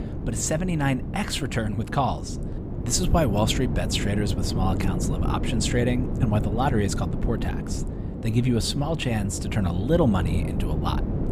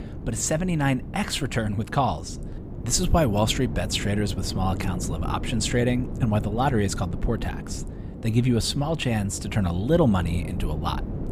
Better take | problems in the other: second | wind noise on the microphone; heavy; 8 dB below the speech; occasional gusts in the second

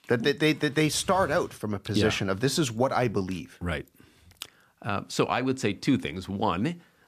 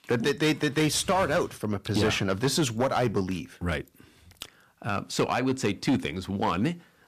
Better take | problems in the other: first | distortion; slight; 6% of the sound clipped

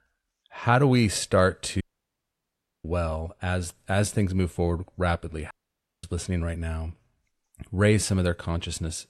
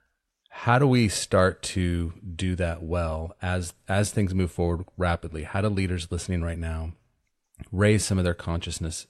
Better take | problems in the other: second | audio cutting out; at 2 s for 1 s and at 5.5 s for 0.5 s

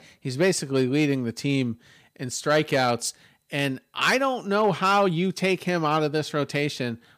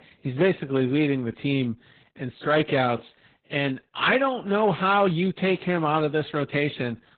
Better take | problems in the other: first | garbled, watery; badly; nothing above 4 kHz

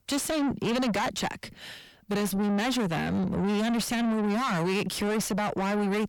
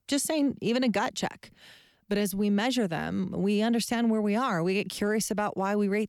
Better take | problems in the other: second | distortion; heavy; 7 dB below the speech

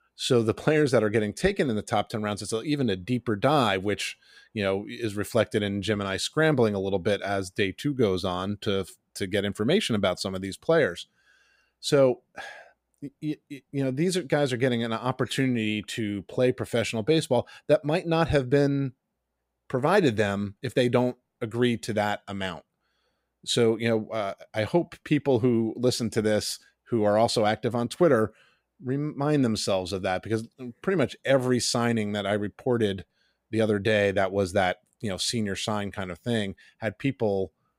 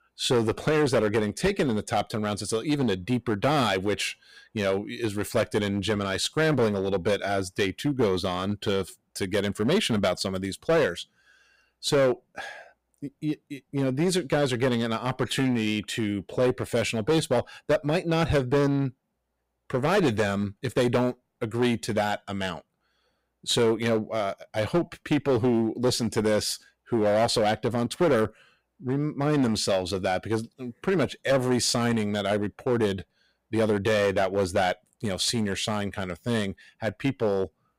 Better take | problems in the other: first | distortion; slight; 7% of the sound clipped

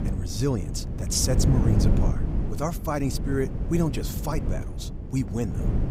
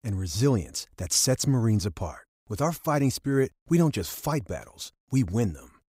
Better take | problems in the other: second | wind noise on the microphone; heavy; 7 dB below the speech

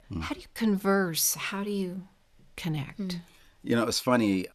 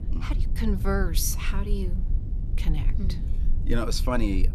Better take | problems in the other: first | low rumble; noticeable; throughout; 15 dB below the speech

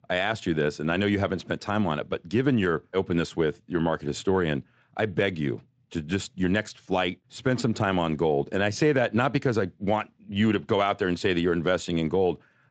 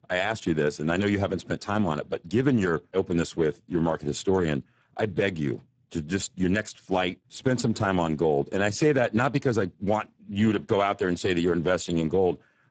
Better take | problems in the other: first | garbled, watery; badly; nothing above 7.5 kHz; slightly in the first

